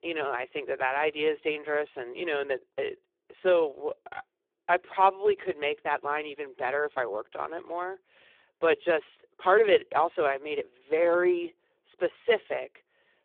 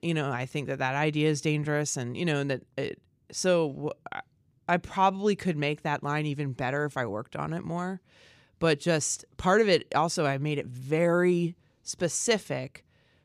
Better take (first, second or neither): second